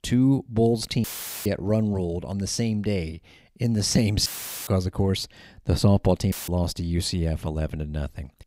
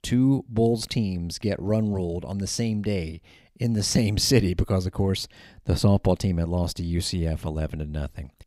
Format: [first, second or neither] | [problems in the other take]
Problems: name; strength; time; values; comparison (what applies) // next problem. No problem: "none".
second | audio cutting out; filled with static; at 1 s, at 4.5 s and at 6.5 s